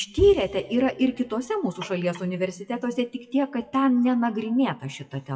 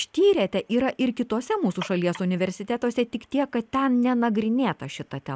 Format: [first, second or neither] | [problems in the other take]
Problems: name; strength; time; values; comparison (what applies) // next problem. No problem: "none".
second | noise reduction (classical method WPE with log-MMSE)